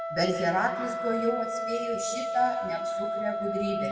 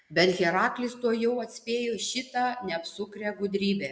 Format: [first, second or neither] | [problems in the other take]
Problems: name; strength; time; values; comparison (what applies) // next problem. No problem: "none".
second | background sound (Wind instrument, woodwind instrument); 2 dB below the speech // room echo; dies away in 1.7 s